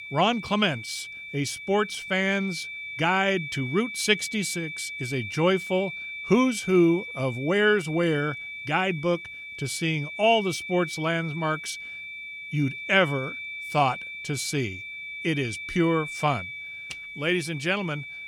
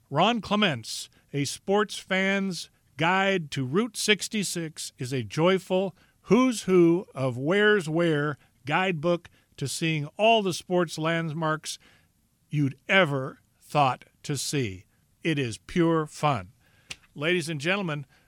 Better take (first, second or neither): second